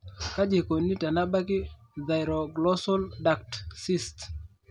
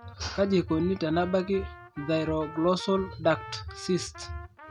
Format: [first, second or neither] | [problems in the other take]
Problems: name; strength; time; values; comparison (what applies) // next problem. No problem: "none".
first | background sound (Trumpet); 17 dB below the speech